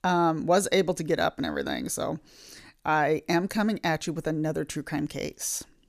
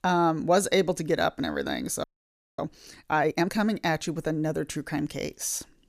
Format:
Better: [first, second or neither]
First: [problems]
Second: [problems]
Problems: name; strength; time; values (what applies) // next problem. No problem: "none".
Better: first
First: none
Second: audio freezing; at 2 s for 0.5 s